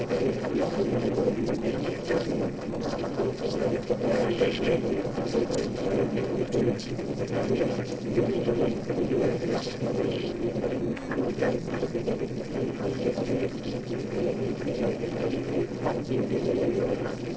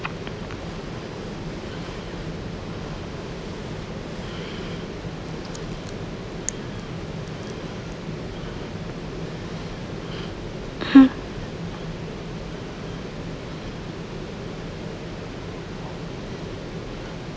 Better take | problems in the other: second | noise reduction (neural separator model SepFormer DNS4)

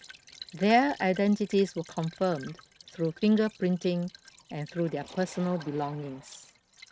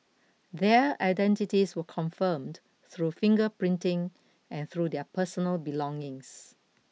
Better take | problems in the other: second | noise reduction (neural mask model RNNoise)

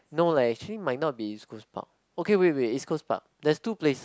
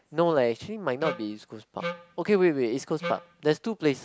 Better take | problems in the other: first | background sound (Wind instrument, woodwind instrument); 9 dB below the speech

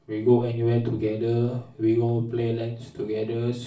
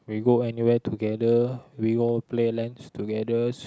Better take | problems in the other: second | room echo; dies away in 0.3 s

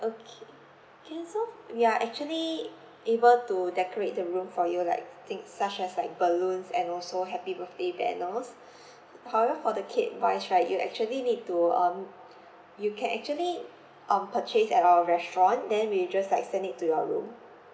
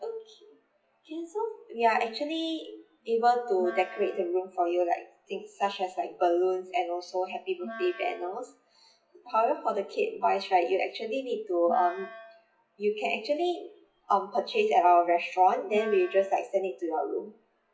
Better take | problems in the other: first | noise reduction (classical method WPE with log-MMSE)

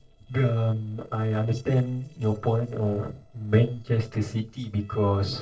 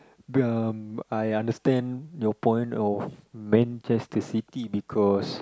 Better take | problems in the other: second | noise reduction (neural separator model SepFormer DNS4)

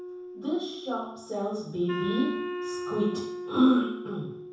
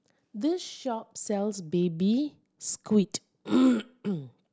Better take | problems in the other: second | background sound (Wind instrument, woodwind instrument); 8 dB below the speech // room echo; dies away in 0.7 s

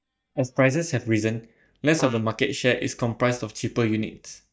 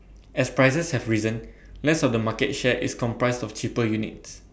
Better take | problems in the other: second | noise reduction (neural mask model DeepFilterNet 3)

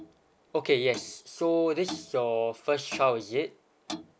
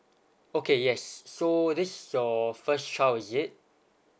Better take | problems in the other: second | background sound (Clock); 16 dB below the speech

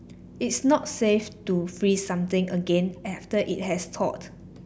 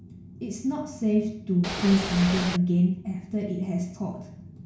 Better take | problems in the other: first | background sound (Ocean / Boat, Water vehicle); 5 dB below the speech // room echo; dies away in 0.6 s

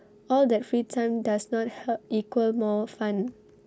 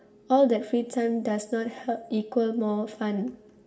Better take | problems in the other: first | room echo; dies away in 0.7 s

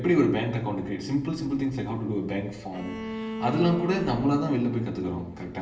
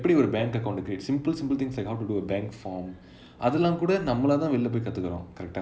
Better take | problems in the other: second | background sound (Bowed string instrument); 12 dB below the speech // room echo; dies away in 0.8 s

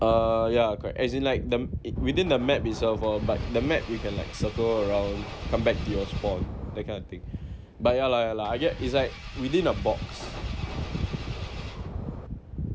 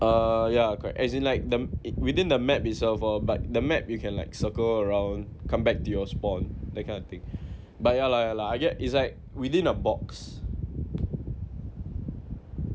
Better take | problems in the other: second | background sound (Subway, metro, underground + Engine / Car); 14 dB below the speech

